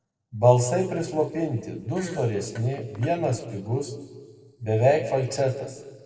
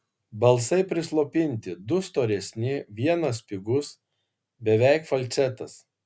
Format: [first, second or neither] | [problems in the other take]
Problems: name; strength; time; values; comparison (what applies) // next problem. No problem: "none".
second | noise reduction (neural separator model SepFormer DNS4)